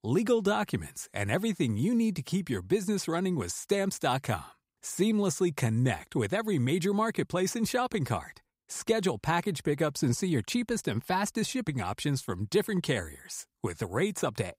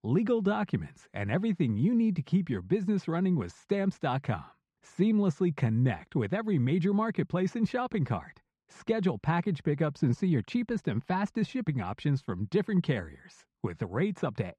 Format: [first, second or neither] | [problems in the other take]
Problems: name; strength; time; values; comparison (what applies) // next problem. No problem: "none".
first | muffled; slightly; fading above 3 kHz